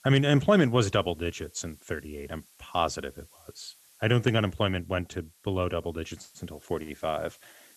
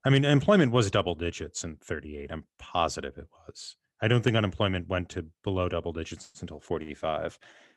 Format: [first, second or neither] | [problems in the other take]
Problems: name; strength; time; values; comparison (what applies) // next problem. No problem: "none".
second | hiss; faint; throughout; 30 dB below the speech